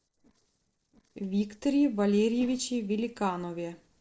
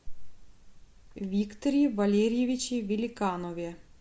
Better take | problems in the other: second | noise reduction (neural separator model SepFormer DNS4)

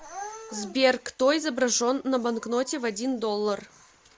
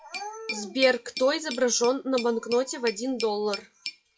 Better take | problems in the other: first | noise reduction (classical method WPE with log-MMSE)

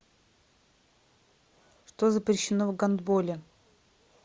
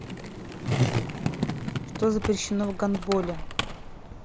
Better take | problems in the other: first | background sound (Skateboard); as loud as the speech

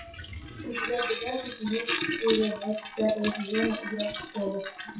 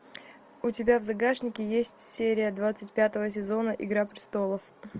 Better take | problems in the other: second | noise reduction (classical method WPE with log-MMSE)

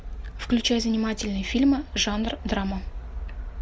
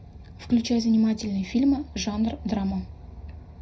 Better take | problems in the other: first | room echo; dies away in 0.3 s

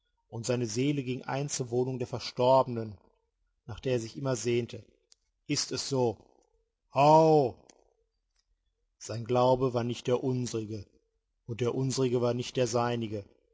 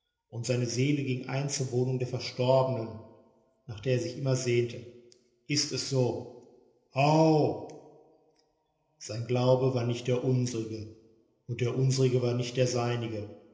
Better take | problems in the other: first | room echo; dies away in 0.8 s

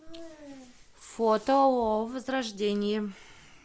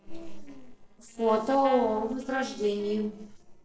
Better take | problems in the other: first | noise reduction (neural separator model SepFormer DNS4)

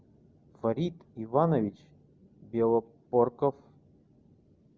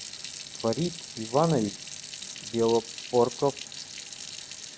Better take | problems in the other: first | background sound (Sink (filling or washing) / Water tap, faucet); 11 dB below the speech

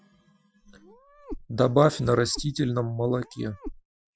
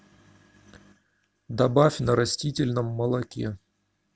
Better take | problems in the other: second | noise reduction (classical method Wiener filter)

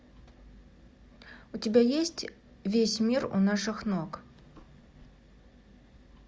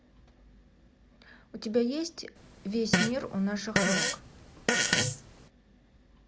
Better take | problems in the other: first | background sound (Fart); 5 dB above the speech

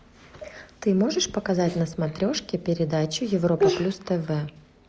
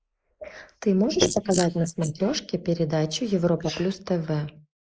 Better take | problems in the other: first | noise reduction (neural mask model Resemble Enhance denoiser)

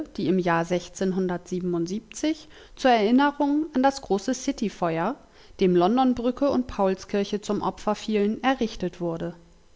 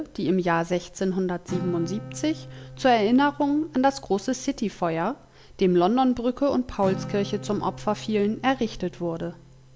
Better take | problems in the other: first | background sound (Acoustic guitar); 15 dB below the speech

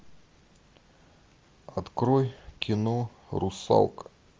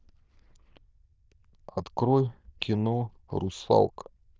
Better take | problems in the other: first | noise reduction (neural diffusion model UNIVERSE++)

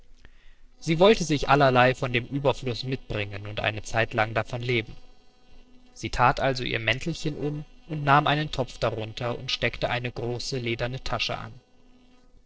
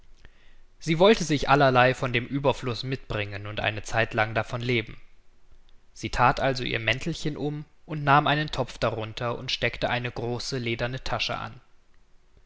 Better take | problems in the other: second | noise reduction (neural separator model SepFormer DNS4)

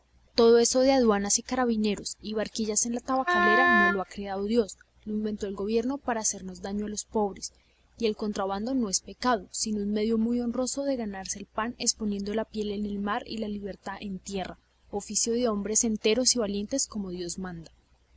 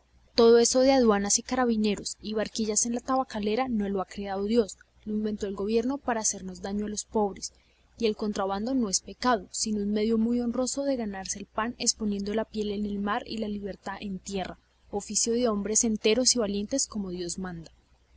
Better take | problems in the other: second | background sound (Wind instrument, woodwind instrument); 3 dB above the speech

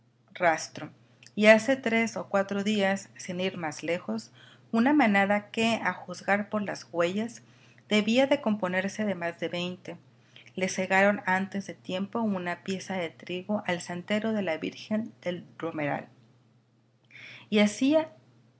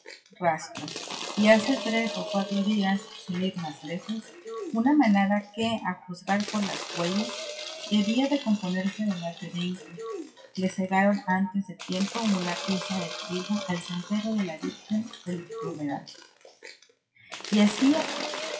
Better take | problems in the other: first | noise reduction (classical method WPE with log-MMSE)

